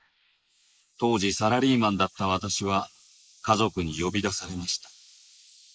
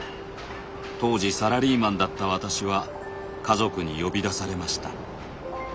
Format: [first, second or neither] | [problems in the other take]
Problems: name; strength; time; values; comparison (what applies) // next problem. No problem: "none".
second | noise reduction (neural mask model Resemble Enhance denoiser)